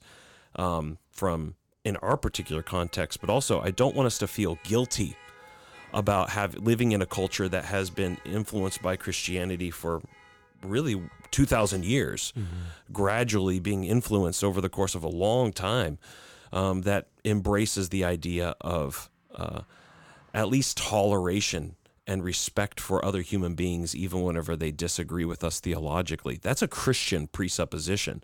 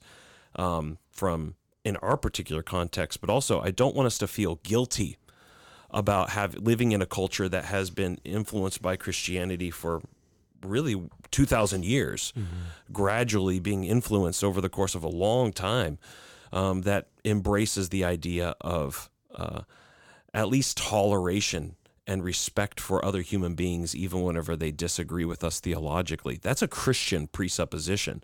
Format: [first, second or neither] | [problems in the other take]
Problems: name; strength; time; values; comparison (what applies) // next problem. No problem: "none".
second | traffic noise; faint; throughout; 25 dB below the speech